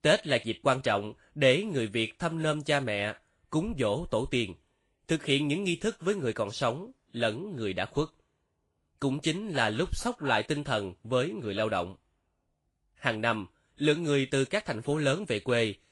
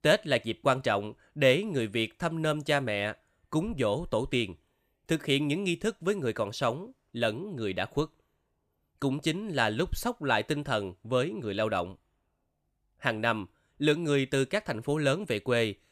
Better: second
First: garbled, watery; slightly; nothing above 11 kHz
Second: none

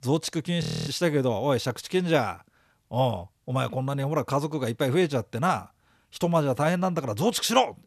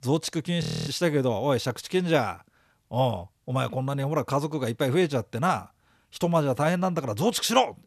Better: neither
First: audio freezing; at 0.5 s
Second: audio freezing; at 0.5 s

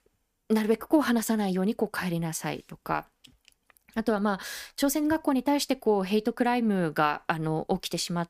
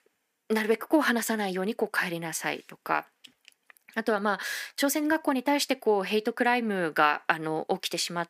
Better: first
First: none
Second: thin; very slightly; fading below 300 Hz

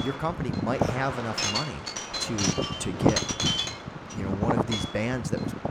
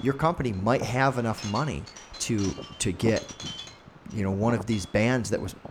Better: second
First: wind noise on the microphone; heavy; 4 dB above the speech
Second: wind noise on the microphone; occasional gusts; 10 dB below the speech

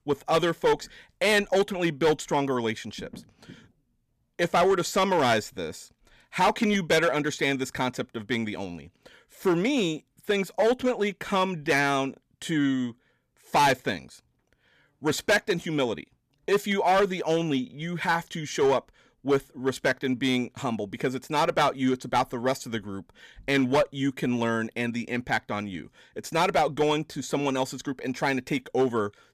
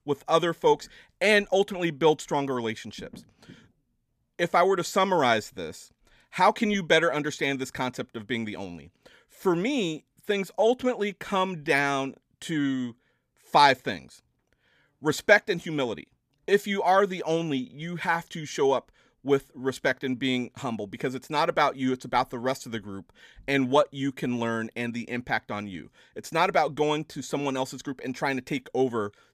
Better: second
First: distortion; slight; 4% of the sound clipped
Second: none

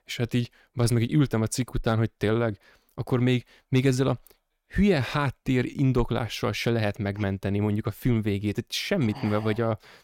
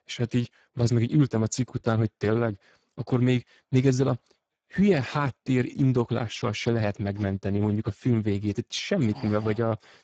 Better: first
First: none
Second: garbled, watery; badly; nothing above 7.5 kHz

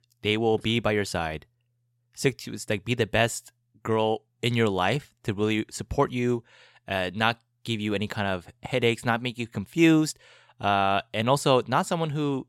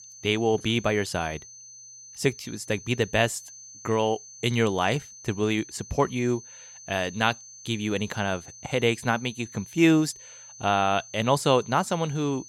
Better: first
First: none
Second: high-pitched whine; noticeable; throughout; 6 kHz, 15 dB below the speech

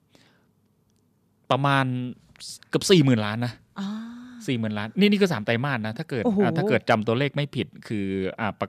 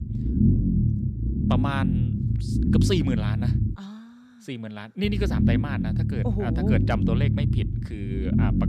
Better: first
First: none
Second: low rumble; loud; until 4 s and from 5 s on; 1 dB below the speech

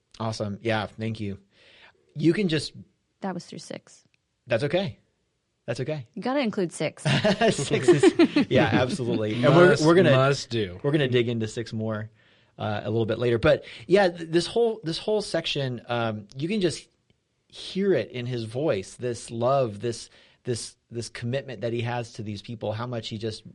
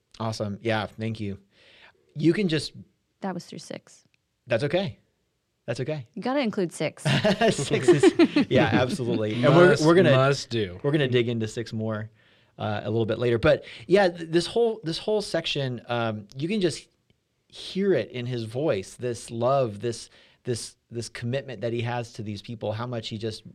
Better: second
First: garbled, watery; slightly; nothing above 10 kHz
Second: none

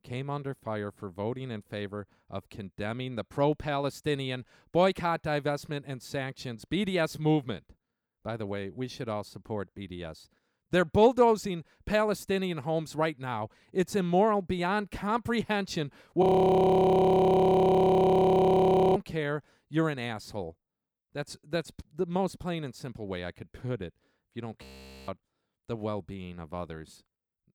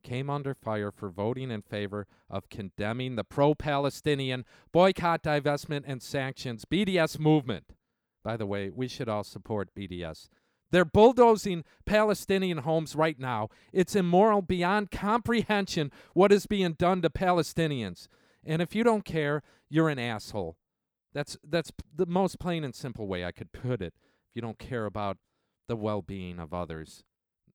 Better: second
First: audio freezing; at 16 s for 2.5 s and at 25 s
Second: none

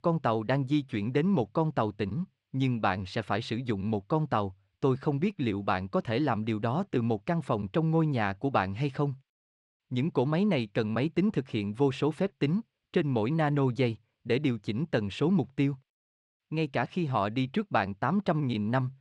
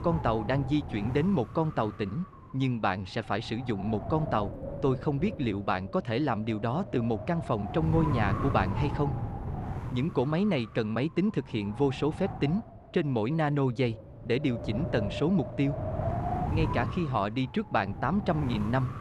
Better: first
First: none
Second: wind noise on the microphone; heavy; 8 dB below the speech

